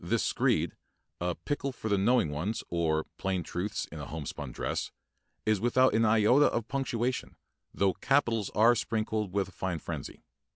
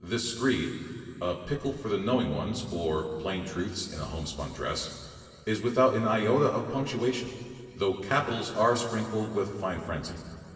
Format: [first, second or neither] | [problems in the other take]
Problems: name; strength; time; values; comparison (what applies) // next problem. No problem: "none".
first | room echo; dies away in 2.6 s